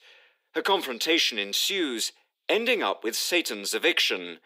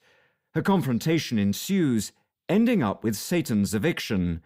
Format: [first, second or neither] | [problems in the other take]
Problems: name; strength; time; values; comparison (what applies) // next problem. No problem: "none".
second | thin; very; fading below 350 Hz